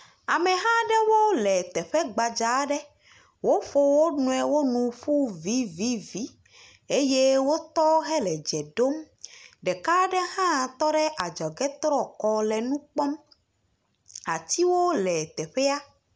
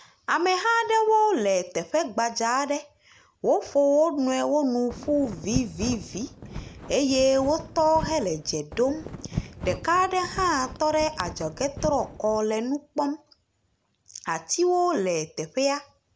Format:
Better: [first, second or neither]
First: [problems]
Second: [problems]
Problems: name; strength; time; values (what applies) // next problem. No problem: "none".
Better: first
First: none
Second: background sound (Wind); 12 dB below the speech